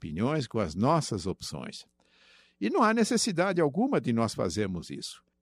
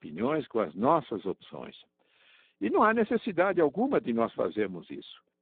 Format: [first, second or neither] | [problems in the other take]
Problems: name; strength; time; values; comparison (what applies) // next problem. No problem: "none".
first | phone-call audio; poor line; nothing above 4 kHz